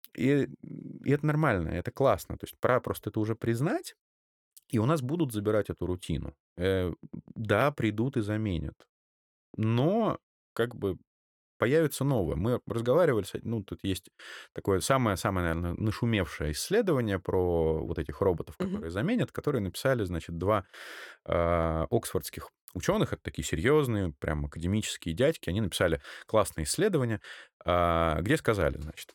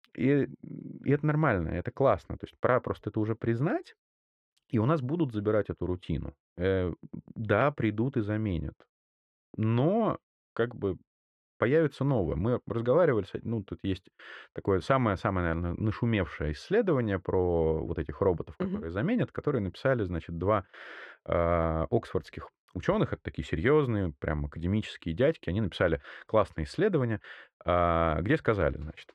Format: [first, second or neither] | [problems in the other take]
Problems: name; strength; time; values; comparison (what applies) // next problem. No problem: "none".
first | muffled; slightly; fading above 2.5 kHz